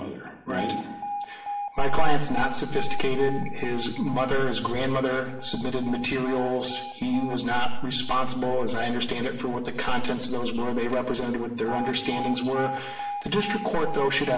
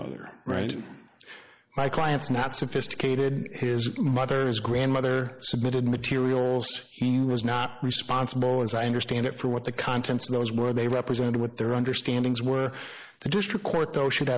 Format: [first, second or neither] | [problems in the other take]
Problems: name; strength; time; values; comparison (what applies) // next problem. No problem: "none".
second | background sound (Alarm); 13 dB below the speech // room echo; dies away in 0.8 s